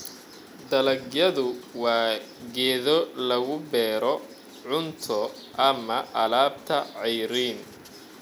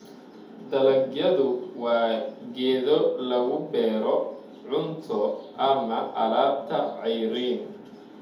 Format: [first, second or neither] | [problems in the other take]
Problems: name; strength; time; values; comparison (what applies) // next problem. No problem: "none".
first | room echo; dies away in 0.6 s